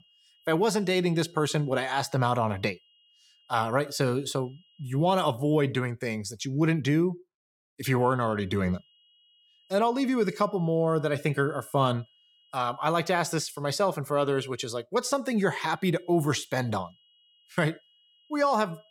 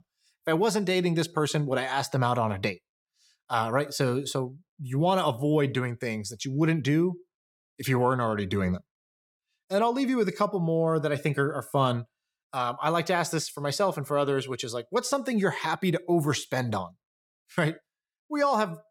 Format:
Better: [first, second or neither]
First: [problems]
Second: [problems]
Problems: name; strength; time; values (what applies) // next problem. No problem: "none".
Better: second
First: high-pitched whine; faint; until 5.5 s, from 8 to 14 s and from 15 s on; 3 kHz, 35 dB below the speech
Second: none